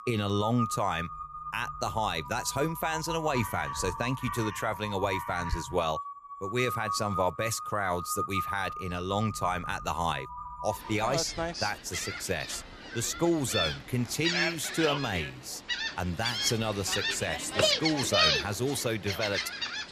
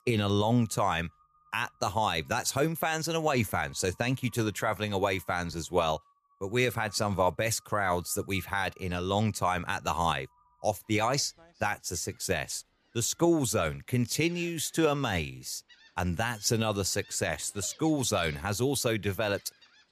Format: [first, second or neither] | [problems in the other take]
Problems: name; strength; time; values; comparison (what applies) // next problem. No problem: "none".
second | animal sounds; loud; throughout; 2 dB below the speech; faint in the second